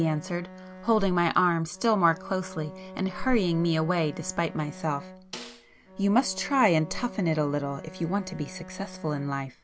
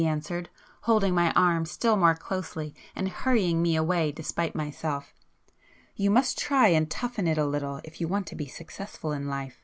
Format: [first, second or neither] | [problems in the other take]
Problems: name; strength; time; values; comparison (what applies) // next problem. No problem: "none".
second | background sound (Snare drum + Bowed string instrument); 17 dB below the speech